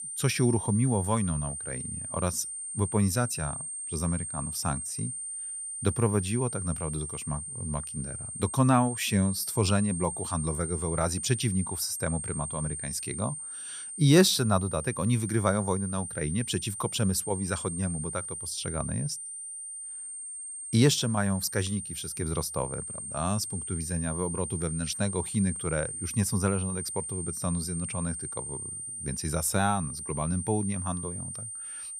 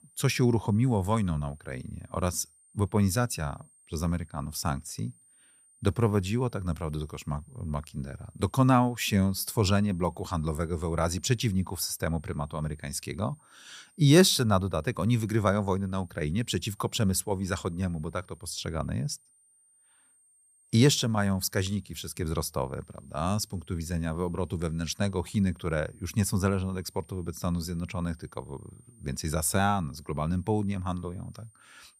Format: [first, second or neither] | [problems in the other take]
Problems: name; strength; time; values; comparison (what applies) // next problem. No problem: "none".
second | high-pitched whine; loud; throughout; 8.5 kHz, 5 dB below the speech; faint in the second